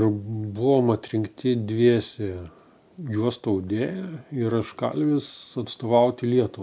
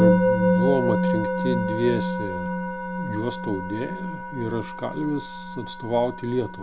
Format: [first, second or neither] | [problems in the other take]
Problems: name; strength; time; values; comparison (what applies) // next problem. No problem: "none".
first | background sound (Musical instrument); 3 dB above the speech